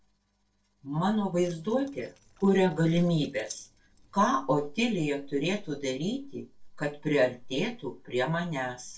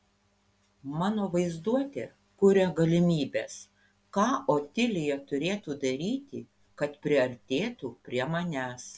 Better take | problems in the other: second | noise reduction (neural separator model SepFormer DNS4)

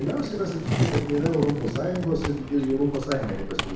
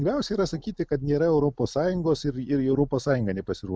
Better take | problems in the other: second | background sound (Skateboard); 4 dB below the speech // room echo; dies away in 0.9 s

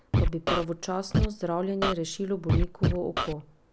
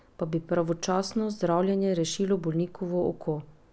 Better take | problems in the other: second | background sound (Scratching (performance technique)); 3 dB above the speech

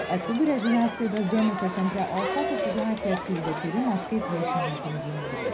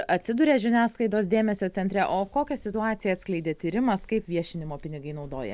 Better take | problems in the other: second | background sound (Crowd); 4 dB below the speech // room echo; dies away in 0.4 s

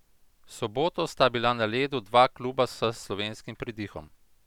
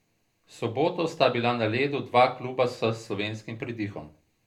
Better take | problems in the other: first | room echo; dies away in 0.3 s

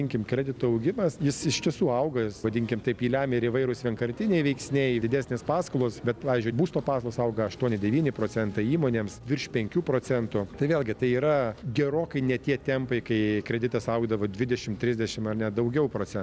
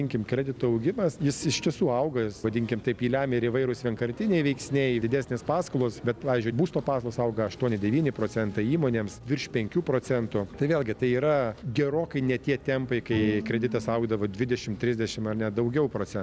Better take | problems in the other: first | background sound (Bowed string instrument); 11 dB below the speech

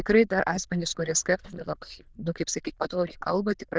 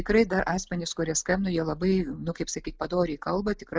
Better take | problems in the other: second | noise reduction (neural diffusion model UNIVERSE++)

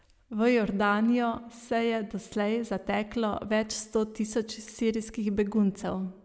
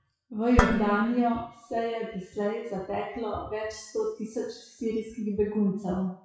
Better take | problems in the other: first | noise reduction (classical method WPE with log-MMSE)

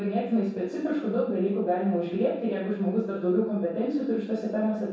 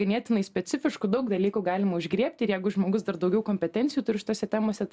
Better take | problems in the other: second | room echo; dies away in 0.7 s

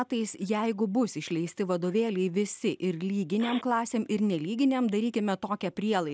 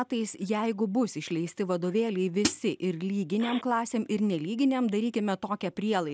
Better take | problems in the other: first | background sound (Hi-hat); 2 dB below the speech

